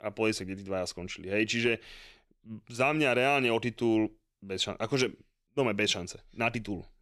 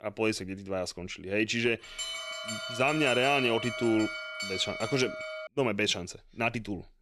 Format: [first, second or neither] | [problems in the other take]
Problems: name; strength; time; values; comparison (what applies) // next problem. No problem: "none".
first | alarm; noticeable; from 2 to 5.5 s; peak 3 dB below the speech